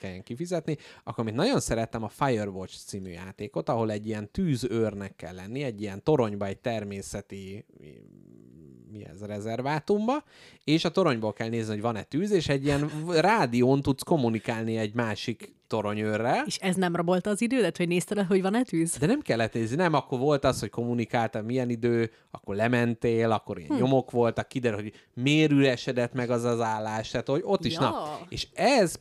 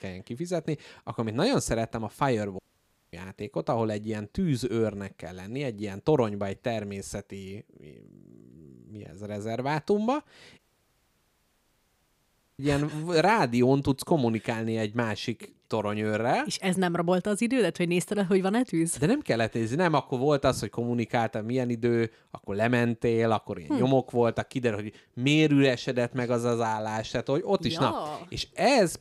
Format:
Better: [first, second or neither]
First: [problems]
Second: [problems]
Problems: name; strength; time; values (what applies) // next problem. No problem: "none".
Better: first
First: none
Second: audio cutting out; at 2.5 s for 0.5 s and at 11 s for 2 s